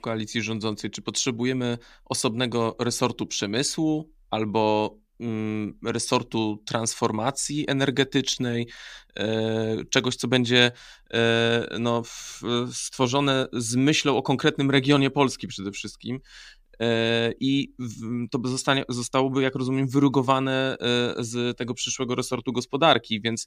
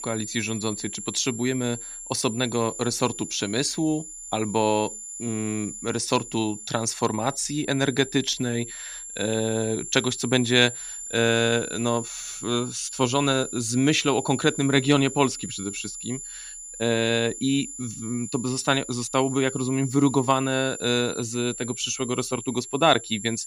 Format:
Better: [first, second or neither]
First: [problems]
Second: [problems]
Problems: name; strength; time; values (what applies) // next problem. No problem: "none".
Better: first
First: none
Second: high-pitched whine; loud; throughout; 7 kHz, 10 dB below the speech